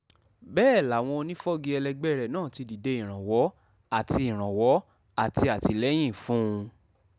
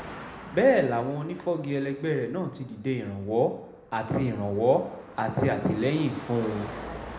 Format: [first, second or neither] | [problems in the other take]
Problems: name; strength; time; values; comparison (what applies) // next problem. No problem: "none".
first | background sound (Car passing by / Traffic noise, roadway noise / Engine); 16 dB below the speech // room echo; dies away in 0.8 s